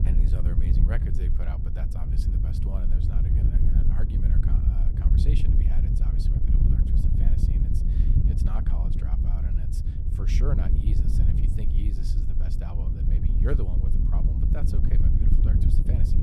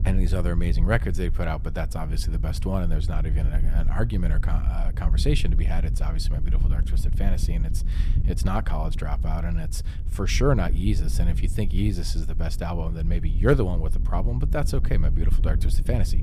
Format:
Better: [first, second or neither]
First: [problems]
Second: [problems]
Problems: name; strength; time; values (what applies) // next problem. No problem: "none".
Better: second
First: wind noise on the microphone; heavy; 3 dB above the speech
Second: wind noise on the microphone; occasional gusts; 15 dB below the speech